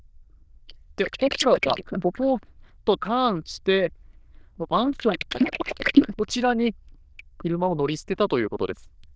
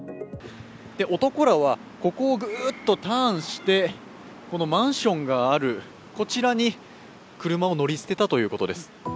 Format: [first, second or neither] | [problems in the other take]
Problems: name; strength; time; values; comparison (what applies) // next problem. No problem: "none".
second | noise reduction (neural diffusion model UNIVERSE++)